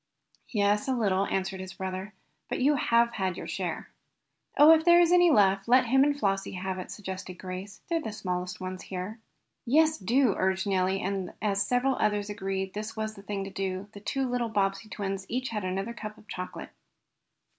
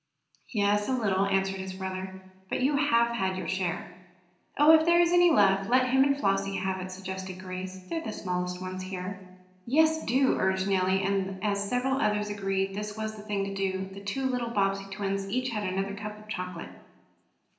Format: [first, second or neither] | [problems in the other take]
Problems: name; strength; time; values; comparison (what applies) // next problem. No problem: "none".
first | room echo; dies away in 0.8 s